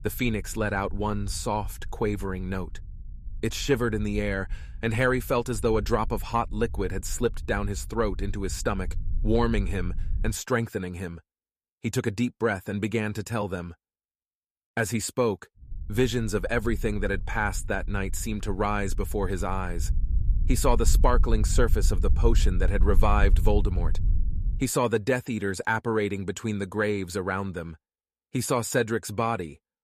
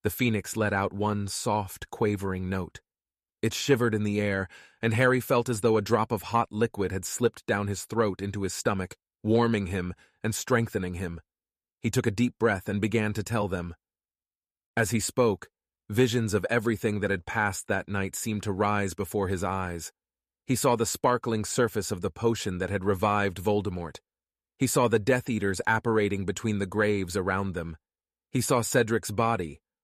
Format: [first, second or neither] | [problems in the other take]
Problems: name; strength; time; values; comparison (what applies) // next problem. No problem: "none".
second | low rumble; faint; until 10 s and from 16 to 25 s; 20 dB below the speech